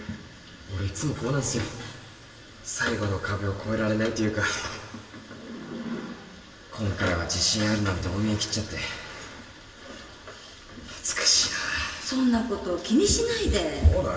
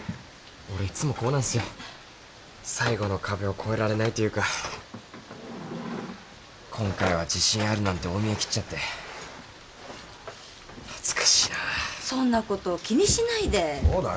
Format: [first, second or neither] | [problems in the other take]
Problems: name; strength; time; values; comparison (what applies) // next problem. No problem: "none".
second | room echo; dies away in 2.1 s